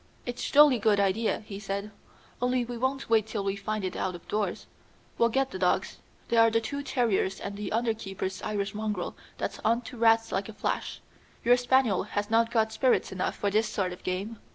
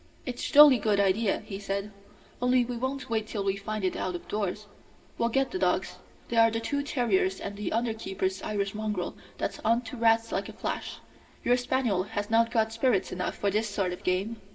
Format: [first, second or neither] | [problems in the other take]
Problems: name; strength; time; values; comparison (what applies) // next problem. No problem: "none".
first | room echo; dies away in 2.1 s